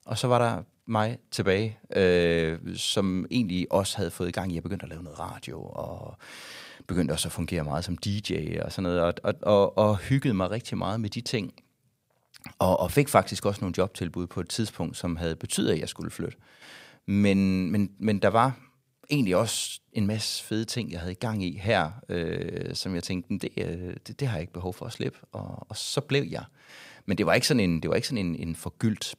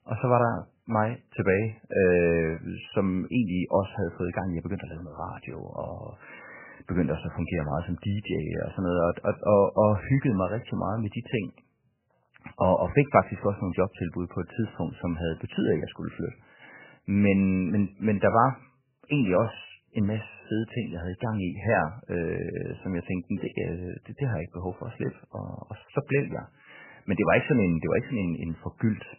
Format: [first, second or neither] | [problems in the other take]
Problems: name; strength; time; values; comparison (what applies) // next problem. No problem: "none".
first | garbled, watery; badly; nothing above 3 kHz